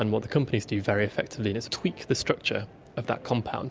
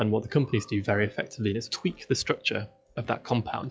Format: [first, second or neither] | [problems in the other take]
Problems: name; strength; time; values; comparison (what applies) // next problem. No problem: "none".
first | noise reduction (classical method log-MMSE)